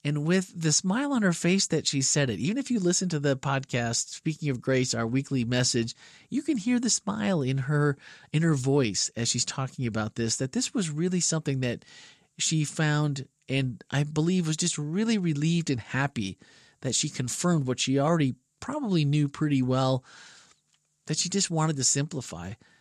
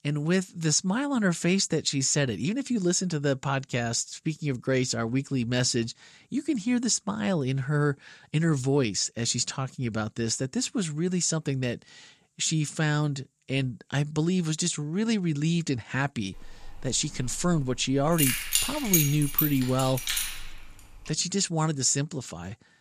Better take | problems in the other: first | jangling keys; loud; from 16 to 21 s; peak 3 dB above the speech

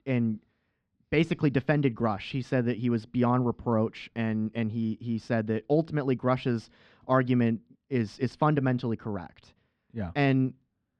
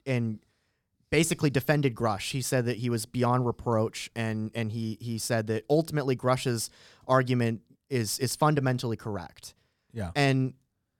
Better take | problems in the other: second | muffled; slightly; fading above 3 kHz

